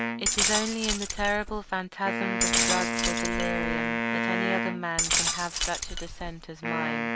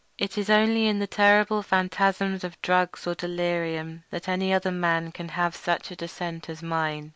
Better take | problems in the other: second | background sound (Wind instrument, woodwind instrument + Glass); 5 dB above the speech

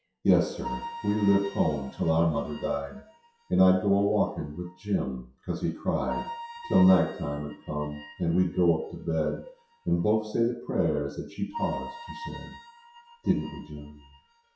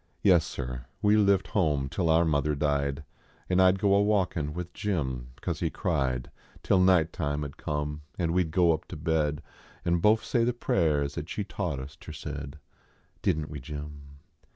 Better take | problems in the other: second | noise reduction (classical method WPE with log-MMSE)

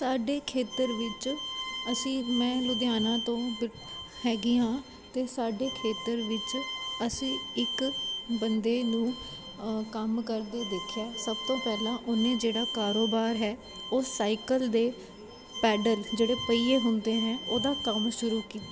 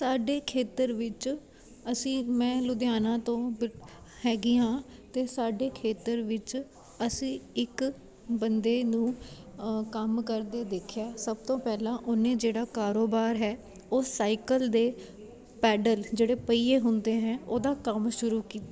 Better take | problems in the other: second | background sound (Bowed string instrument); 9 dB below the speech

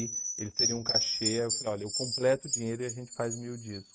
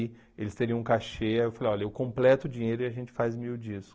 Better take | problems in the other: second | noise reduction (neural mask model RNNoise)

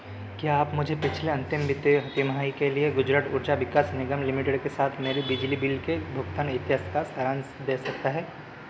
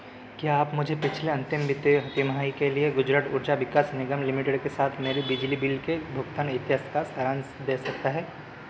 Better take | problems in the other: second | background sound (Bowed string instrument); 13 dB below the speech

